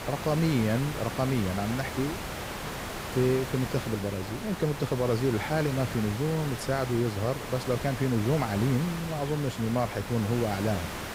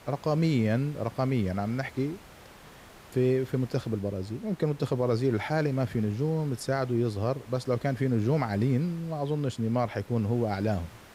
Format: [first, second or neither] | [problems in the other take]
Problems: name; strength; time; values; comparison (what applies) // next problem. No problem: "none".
second | hiss; loud; throughout; 7 dB below the speech; faint in the second